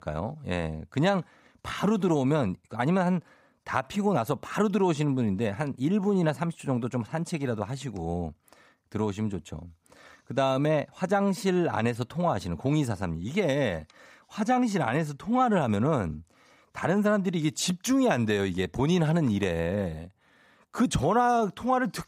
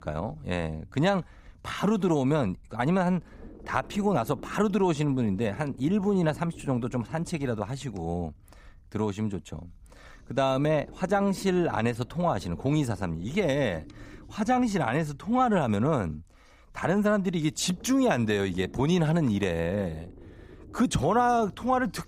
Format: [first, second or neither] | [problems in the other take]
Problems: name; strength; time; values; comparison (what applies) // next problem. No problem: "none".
first | low rumble; faint; throughout; 25 dB below the speech